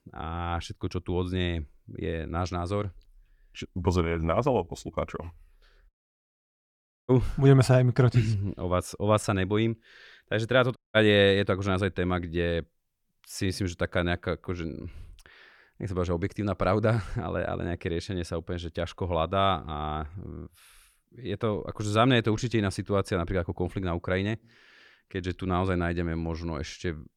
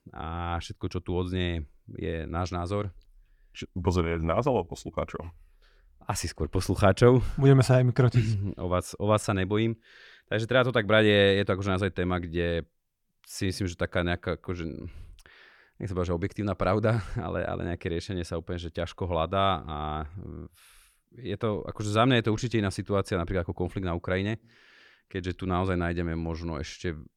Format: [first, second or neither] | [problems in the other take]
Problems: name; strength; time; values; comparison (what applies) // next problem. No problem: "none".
second | audio cutting out; at 6 s for 1 s and at 11 s